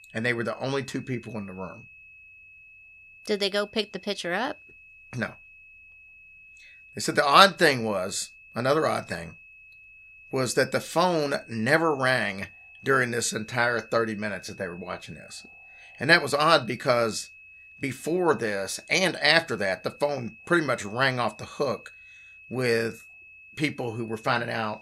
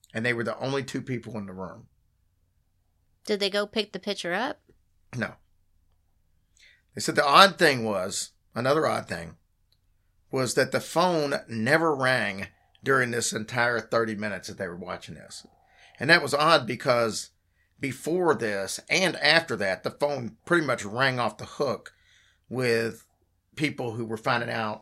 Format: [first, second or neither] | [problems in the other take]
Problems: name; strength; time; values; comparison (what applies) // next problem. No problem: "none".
second | high-pitched whine; faint; throughout; 2.5 kHz, 20 dB below the speech